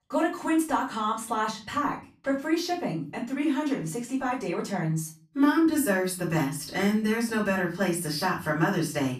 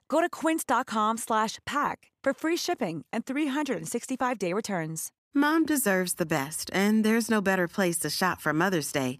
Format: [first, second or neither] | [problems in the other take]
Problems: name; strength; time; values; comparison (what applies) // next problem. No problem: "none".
second | room echo; slight; dies away in 0.3 s // off-mic speech; far